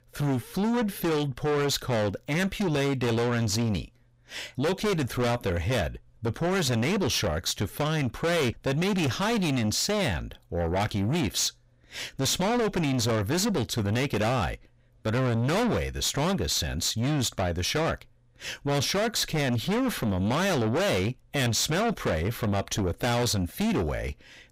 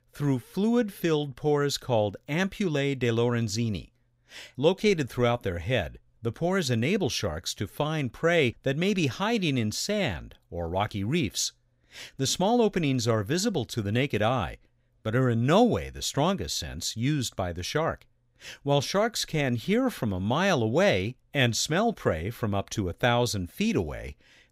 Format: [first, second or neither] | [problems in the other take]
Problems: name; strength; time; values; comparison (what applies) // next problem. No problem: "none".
second | distortion; heavy; 5 dB below the speech